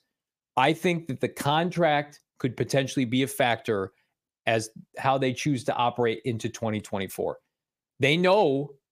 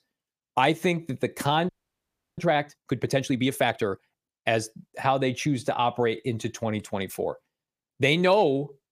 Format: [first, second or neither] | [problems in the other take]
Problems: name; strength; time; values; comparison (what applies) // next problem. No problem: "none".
first | audio freezing; at 1.5 s for 0.5 s